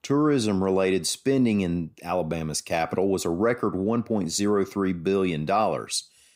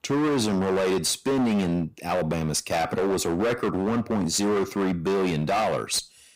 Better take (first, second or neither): first